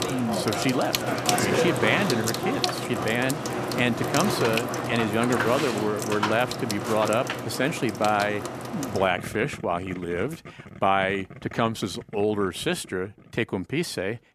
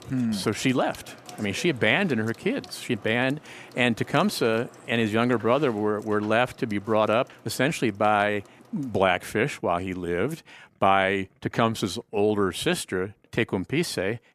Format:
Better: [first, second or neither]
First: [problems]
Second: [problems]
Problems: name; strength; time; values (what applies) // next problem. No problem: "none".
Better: second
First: household noises; loud; throughout; 2 dB below the speech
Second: household noises; faint; throughout; 25 dB below the speech